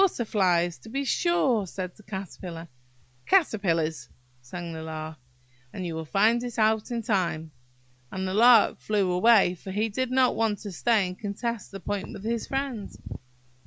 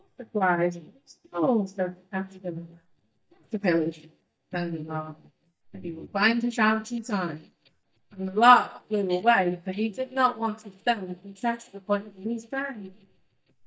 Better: first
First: none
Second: noise reduction (neural mask model DeepFilterNet 3)

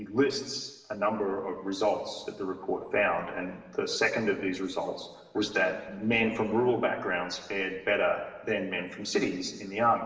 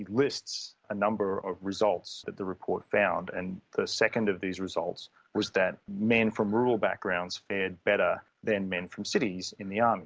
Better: second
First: room echo; dies away in 1.1 s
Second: none

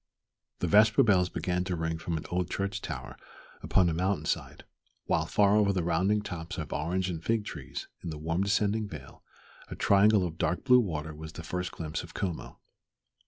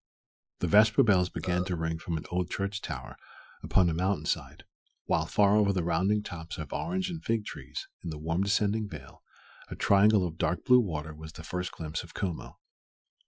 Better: first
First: none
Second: noise reduction (classical method Wiener filter)

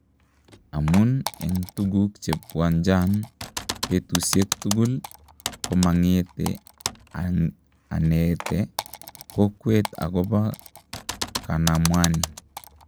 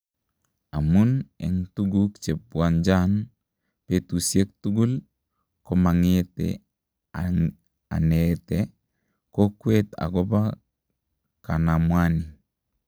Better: second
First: background sound (Typing); 11 dB below the speech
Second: none

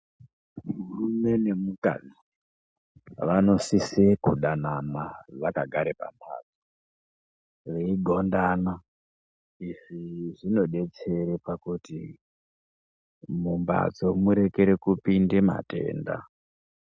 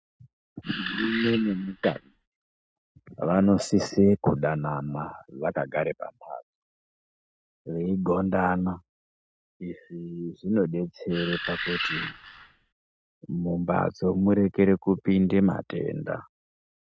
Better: first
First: none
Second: noise reduction (neural mask model RNNoise)

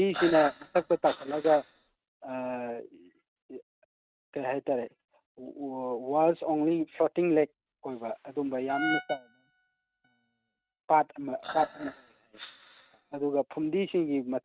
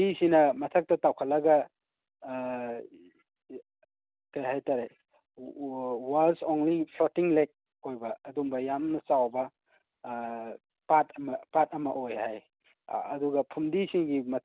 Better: second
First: noise reduction (neural mask model RNNoise)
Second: none

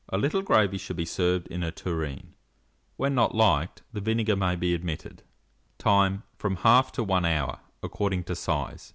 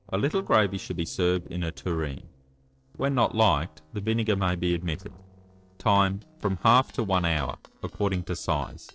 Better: first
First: none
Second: noise reduction (neural separator model SepFormer DNS4)

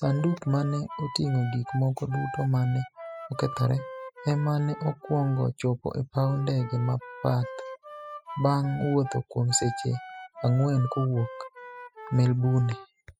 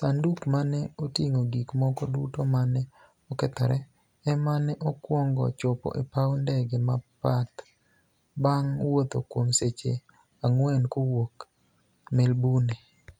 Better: second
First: noise reduction (classical method spectral subtraction)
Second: none

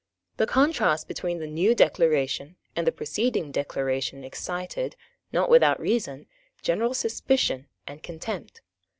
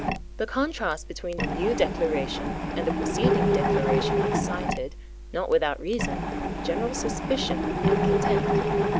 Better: first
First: none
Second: background sound (Mechanisms); 4 dB above the speech

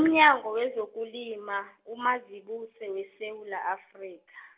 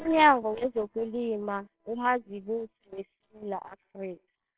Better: first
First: none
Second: noise reduction (neural separator model SepFormer WHAMR!)

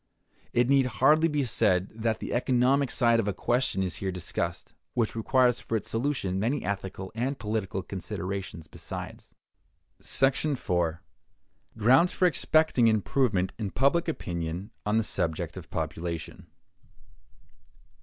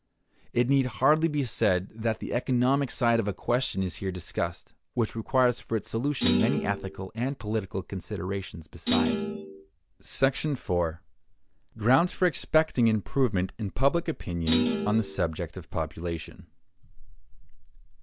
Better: first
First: none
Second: background sound (Thump, thud); 1 dB below the speech

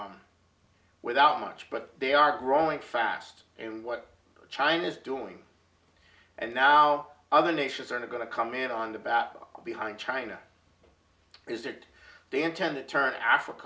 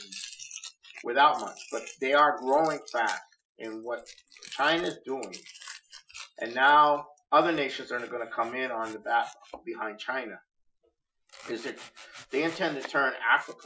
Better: first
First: none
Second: noise reduction (classical method Wiener filter)

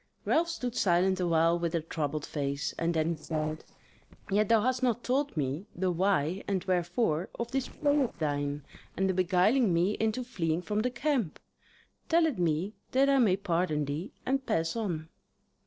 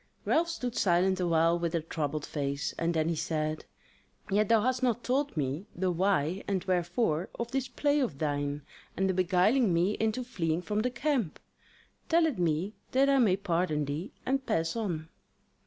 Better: second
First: noise reduction (neural separator model SepFormer DNS4)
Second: none

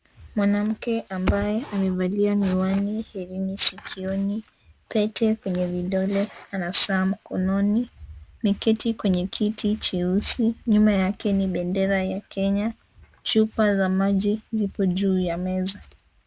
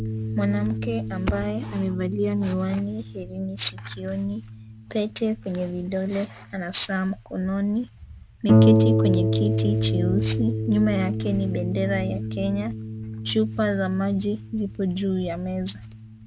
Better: first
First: none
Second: background sound (Harp); as loud as the speech

